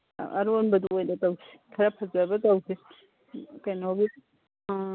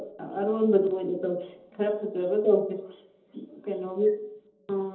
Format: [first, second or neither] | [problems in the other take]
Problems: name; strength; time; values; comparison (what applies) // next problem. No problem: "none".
first | room echo; dies away in 1.2 s